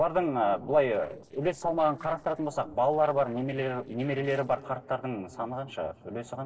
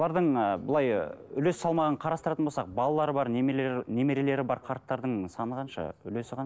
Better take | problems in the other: second | noise reduction (neural separator model SepFormer DNS4)

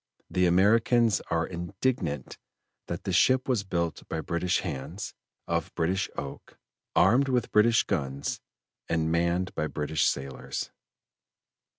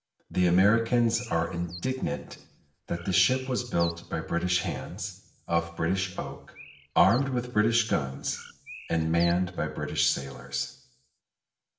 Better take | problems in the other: first | background sound (Bird); 18 dB below the speech // room echo; dies away in 0.6 s

